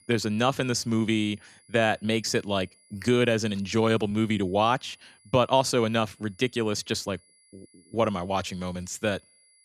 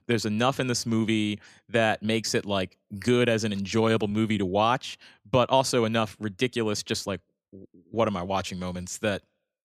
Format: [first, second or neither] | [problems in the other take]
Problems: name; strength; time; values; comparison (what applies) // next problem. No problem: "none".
second | high-pitched whine; faint; throughout; 10 kHz, 30 dB below the speech